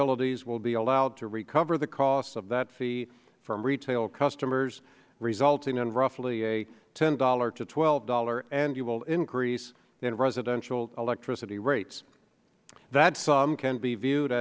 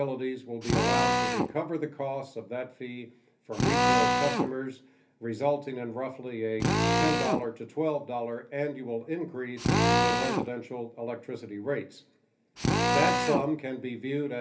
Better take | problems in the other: first | background sound (Drill); 3 dB above the speech // room echo; dies away in 0.3 s

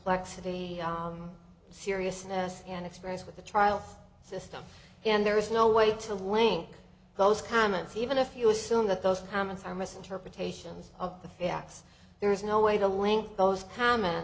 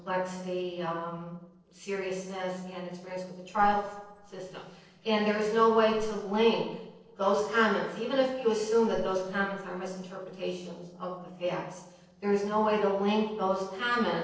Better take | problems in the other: first | noise reduction (neural separator model SepFormer DNS4)

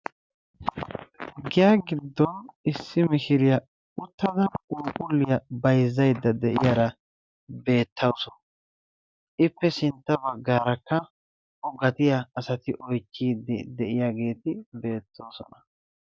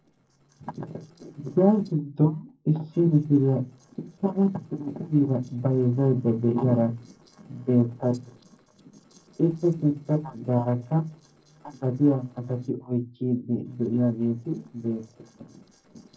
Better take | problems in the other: first | noise reduction (neural separator model SepFormer DNS4)

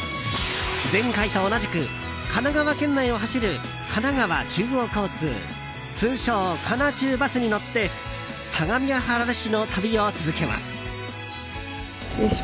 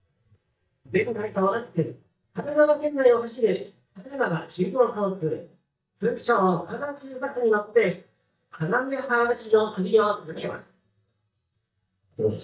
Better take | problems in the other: first | noise reduction (neural mask model DeepFilterNet 3)

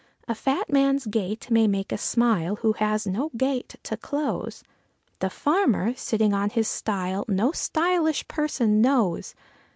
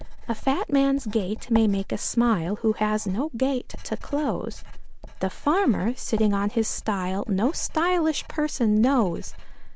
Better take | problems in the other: first | background sound (Writing); 8 dB below the speech

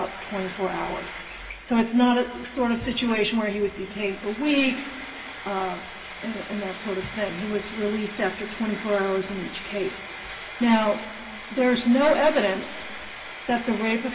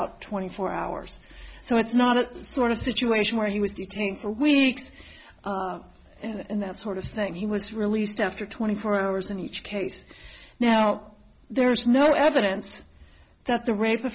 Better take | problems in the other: second | background sound (Frying (food)); 13 dB below the speech // room echo; dies away in 1.5 s

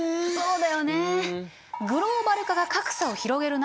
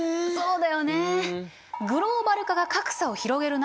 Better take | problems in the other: second | background sound (Camera); 17 dB below the speech

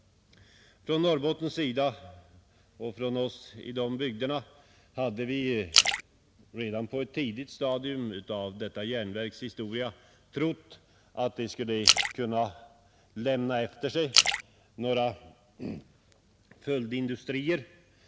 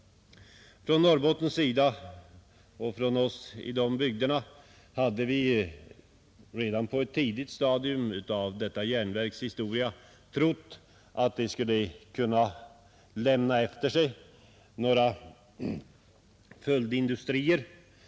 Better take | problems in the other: second | background sound (Splash, splatter); 2 dB above the speech

